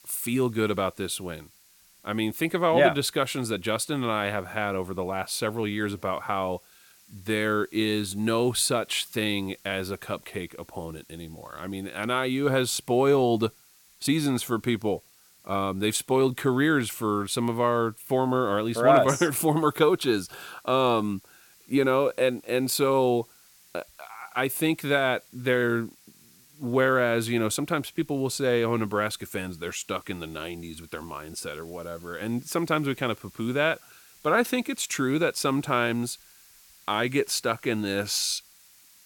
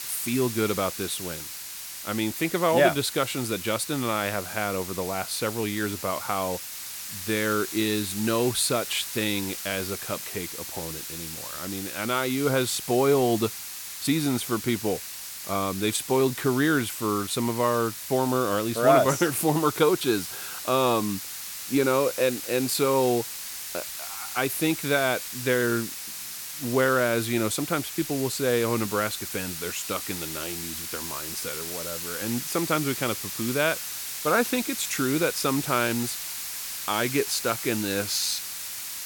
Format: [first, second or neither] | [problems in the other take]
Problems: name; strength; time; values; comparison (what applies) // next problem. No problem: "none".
first | hiss; loud; throughout; 7 dB below the speech; faint in the first